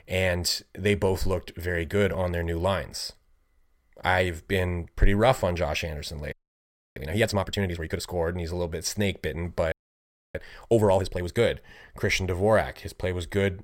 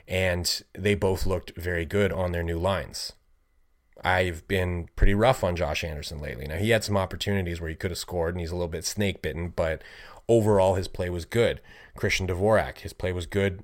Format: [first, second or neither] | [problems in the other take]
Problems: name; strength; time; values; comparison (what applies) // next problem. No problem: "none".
second | audio freezing; at 6.5 s for 0.5 s and at 9.5 s for 0.5 s